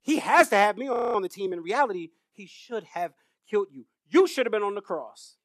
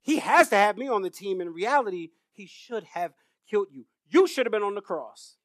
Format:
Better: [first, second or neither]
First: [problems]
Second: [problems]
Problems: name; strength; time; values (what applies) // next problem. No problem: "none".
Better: second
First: audio freezing; at 1 s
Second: none